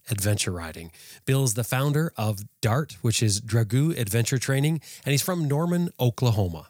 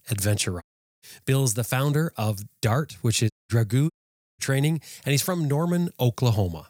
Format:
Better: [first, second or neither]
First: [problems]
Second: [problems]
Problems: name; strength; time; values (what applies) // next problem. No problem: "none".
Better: first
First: none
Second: audio cutting out; at 0.5 s, at 3.5 s and at 4 s